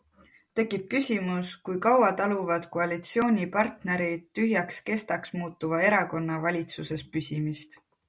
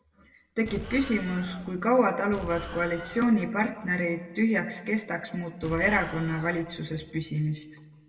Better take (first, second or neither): first